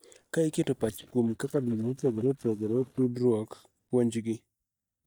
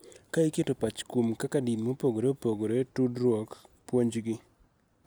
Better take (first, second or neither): second